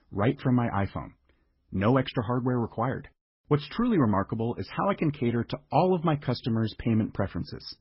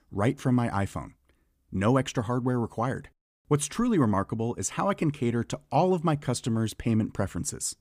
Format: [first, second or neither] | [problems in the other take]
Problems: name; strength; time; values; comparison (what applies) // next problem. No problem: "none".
second | garbled, watery; badly; nothing above 5.5 kHz